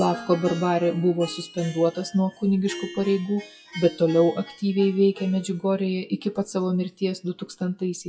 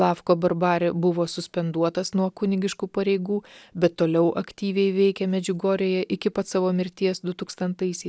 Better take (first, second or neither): second